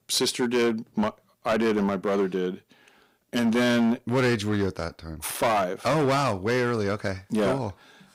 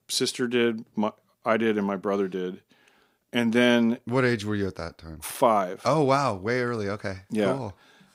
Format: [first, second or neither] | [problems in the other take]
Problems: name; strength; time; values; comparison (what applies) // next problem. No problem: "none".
second | distortion; heavy; 11% of the sound clipped